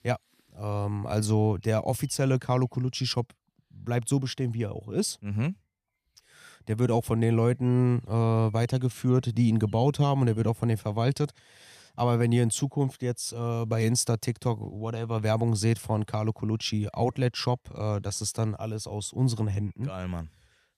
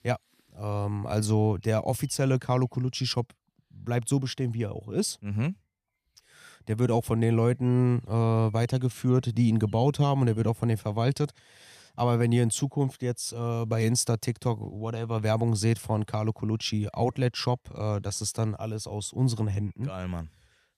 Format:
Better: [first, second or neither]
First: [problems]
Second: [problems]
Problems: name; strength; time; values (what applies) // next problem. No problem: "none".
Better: neither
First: none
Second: none